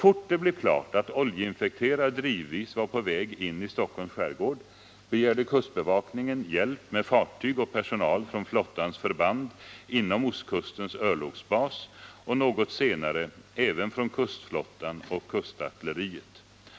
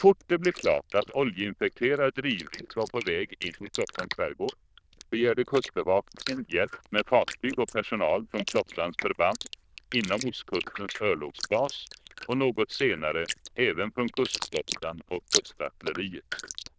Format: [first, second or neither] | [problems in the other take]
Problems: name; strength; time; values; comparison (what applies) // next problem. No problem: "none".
first | noise reduction (neural diffusion model UNIVERSE++)